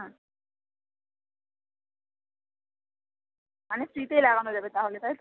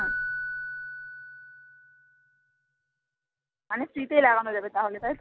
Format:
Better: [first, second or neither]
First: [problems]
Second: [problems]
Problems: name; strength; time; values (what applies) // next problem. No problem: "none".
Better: first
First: none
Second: background sound (Keyboard (musical)); 8 dB below the speech